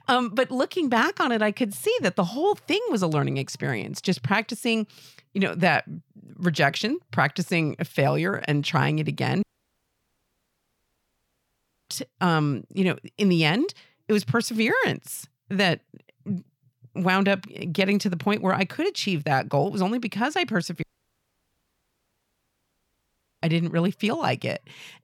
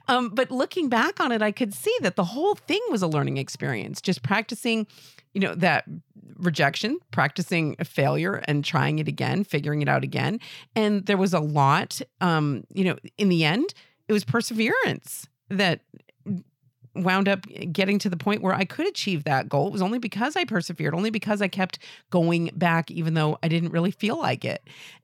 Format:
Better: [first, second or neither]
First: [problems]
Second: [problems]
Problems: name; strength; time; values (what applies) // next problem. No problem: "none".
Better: second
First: audio cutting out; at 9.5 s for 2.5 s and at 21 s for 2.5 s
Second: none